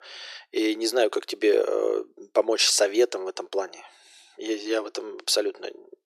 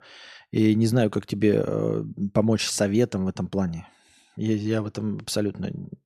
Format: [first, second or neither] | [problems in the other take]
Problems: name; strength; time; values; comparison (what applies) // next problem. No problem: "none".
second | thin; very; fading below 350 Hz